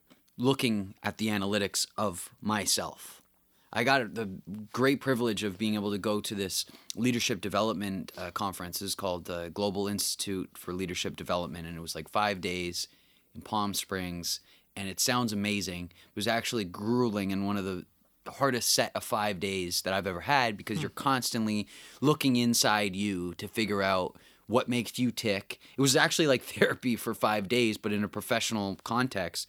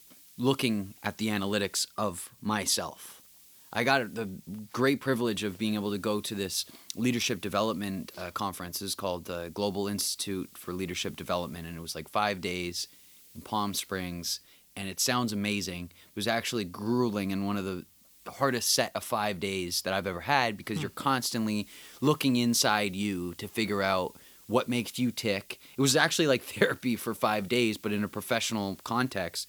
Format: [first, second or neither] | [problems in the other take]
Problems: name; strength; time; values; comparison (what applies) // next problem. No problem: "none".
first | hiss; faint; throughout; 25 dB below the speech